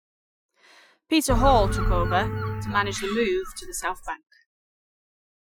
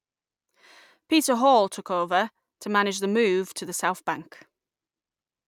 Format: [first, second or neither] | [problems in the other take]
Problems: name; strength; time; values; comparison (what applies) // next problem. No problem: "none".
second | noise reduction (classical method Wiener filter)